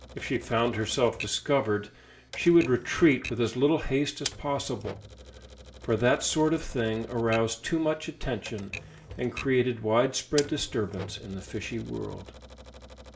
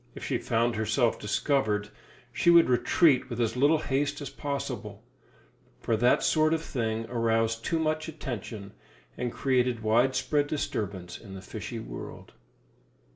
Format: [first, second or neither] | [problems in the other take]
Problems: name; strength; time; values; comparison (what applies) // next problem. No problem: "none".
second | background sound (Typewriter); 15 dB below the speech